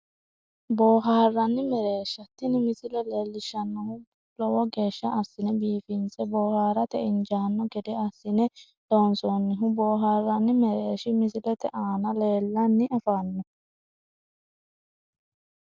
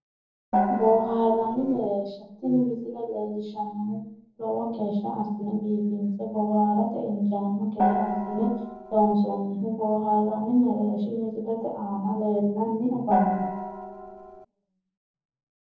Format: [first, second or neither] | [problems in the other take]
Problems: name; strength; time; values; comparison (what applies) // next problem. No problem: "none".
first | noise reduction (neural separator model SepFormer DNS4)